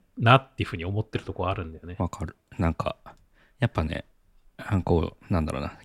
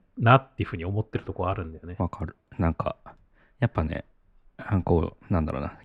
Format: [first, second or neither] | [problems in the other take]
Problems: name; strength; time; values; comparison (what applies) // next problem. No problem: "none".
first | muffled; slightly; fading above 3.5 kHz